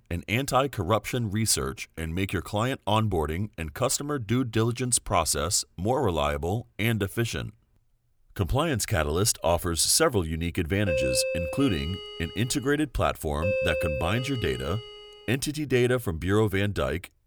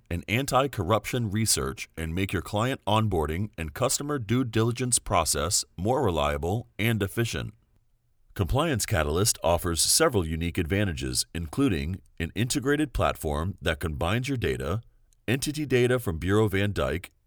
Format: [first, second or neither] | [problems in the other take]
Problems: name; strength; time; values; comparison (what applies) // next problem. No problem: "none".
second | doorbell; loud; from 11 to 15 s; peak level with the speech